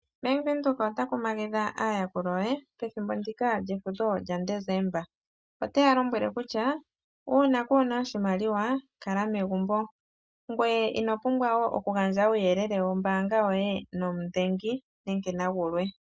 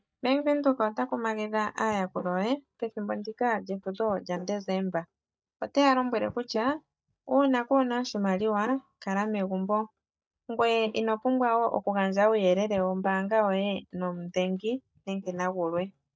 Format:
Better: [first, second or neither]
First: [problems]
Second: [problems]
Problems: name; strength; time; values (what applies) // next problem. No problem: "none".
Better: first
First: none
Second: noise reduction (neural mask model DeepFilterNet 3)